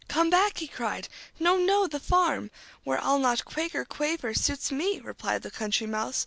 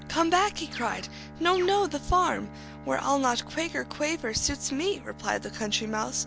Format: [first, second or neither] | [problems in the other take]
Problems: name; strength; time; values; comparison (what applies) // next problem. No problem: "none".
first | background sound (Bird + Bowed string instrument); 15 dB below the speech